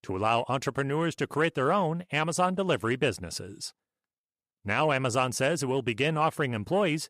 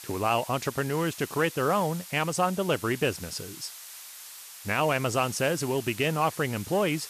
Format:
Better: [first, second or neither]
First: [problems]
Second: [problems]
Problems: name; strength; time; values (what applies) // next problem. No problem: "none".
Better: first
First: none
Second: hiss; noticeable; throughout; 15 dB below the speech